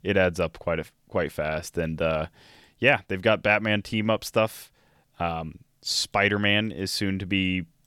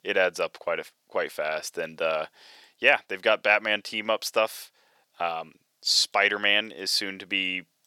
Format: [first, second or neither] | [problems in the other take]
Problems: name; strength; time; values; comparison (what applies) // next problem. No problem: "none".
first | thin; somewhat; fading below 500 Hz